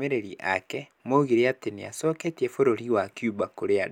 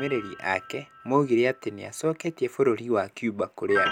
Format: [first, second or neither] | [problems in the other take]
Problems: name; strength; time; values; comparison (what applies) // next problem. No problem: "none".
first | background sound (Piano); 10 dB below the speech